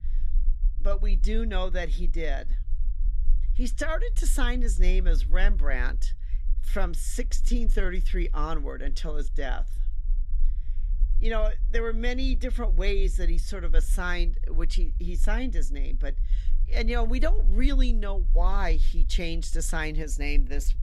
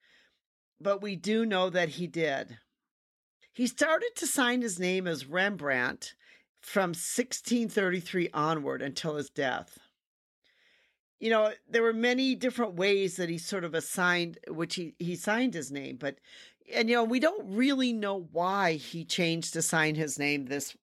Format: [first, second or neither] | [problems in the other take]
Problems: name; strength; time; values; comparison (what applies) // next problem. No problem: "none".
second | low rumble; faint; throughout; 20 dB below the speech